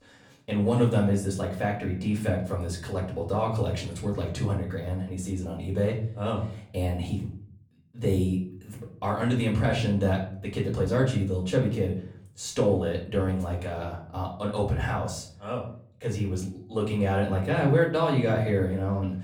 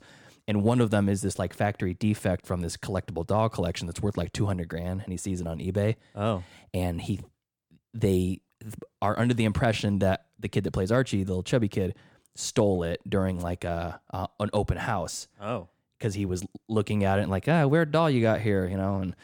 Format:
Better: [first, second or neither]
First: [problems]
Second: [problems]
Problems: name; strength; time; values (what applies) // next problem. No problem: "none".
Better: second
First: off-mic speech; far // room echo; slight; dies away in 0.5 s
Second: none